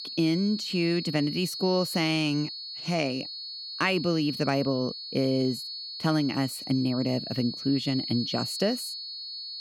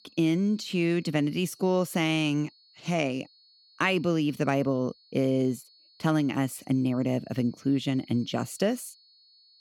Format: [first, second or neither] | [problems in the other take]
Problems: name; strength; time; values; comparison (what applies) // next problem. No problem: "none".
second | high-pitched whine; loud; throughout; 4.5 kHz, 6 dB below the speech; faint in the second